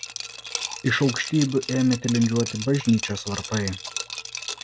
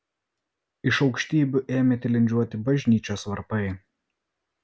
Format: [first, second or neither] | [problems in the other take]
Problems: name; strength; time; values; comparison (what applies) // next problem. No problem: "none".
second | background sound (Liquid); 9 dB below the speech